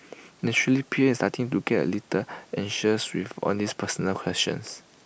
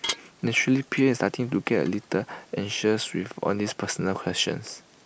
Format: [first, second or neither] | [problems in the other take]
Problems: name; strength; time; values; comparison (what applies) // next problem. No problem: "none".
first | background sound (Dishes, pots, and pans / Glass); 15 dB below the speech